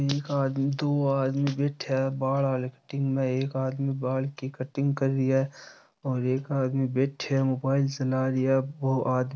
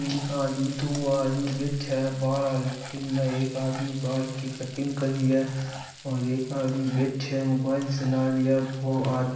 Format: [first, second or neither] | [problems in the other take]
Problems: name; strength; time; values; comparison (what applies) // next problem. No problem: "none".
first | background sound (Frying (food)); 17 dB below the speech // room echo; dies away in 0.9 s